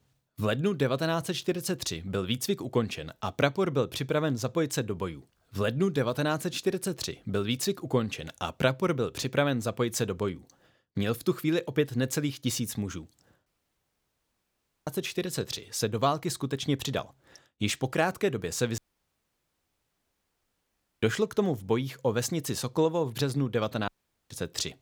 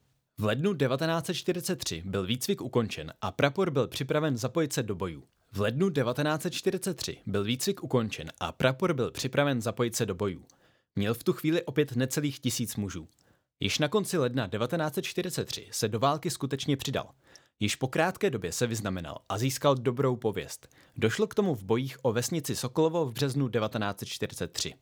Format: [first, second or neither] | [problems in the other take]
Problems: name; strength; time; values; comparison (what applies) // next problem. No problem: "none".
second | audio cutting out; at 13 s for 1.5 s, at 19 s for 2 s and at 24 s